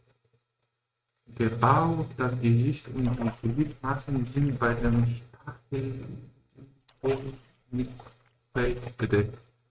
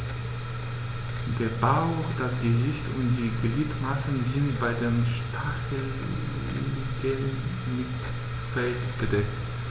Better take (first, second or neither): second